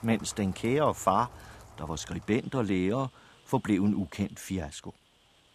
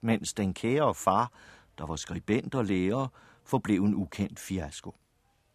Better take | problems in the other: second | rain or running water; faint; throughout; 25 dB below the speech

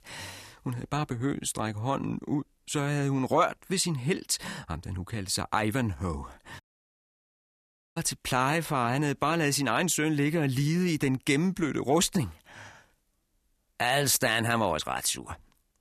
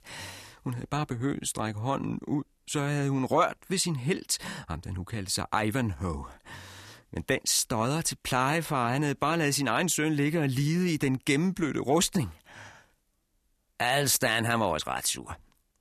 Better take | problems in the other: second | audio cutting out; at 6.5 s for 1.5 s

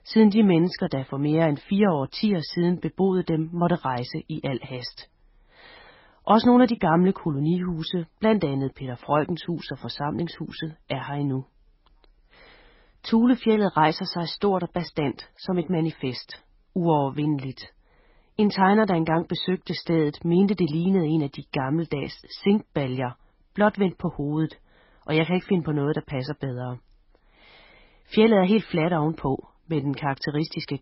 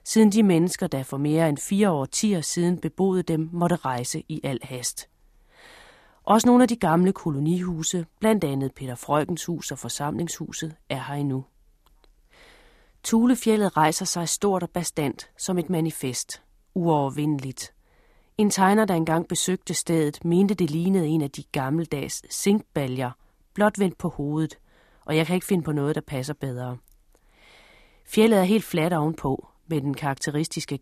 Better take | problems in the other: second | garbled, watery; badly; nothing above 5.5 kHz

